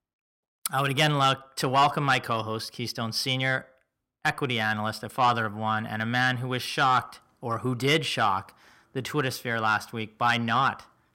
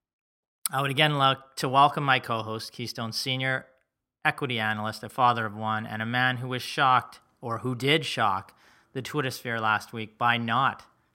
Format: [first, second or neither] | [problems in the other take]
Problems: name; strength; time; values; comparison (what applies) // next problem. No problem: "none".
second | distortion; slight; 10 dB below the speech